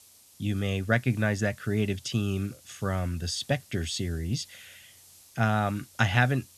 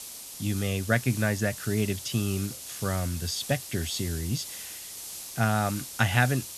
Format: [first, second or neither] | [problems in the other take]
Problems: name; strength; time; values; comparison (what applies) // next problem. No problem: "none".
first | hiss; loud; throughout; 9 dB below the speech; faint in the first